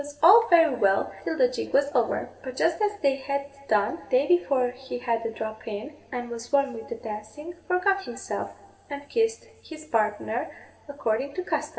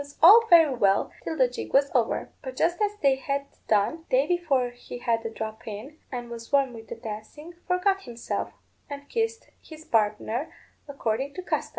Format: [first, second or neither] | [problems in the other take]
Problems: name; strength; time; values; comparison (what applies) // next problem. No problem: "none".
second | room echo; dies away in 2.1 s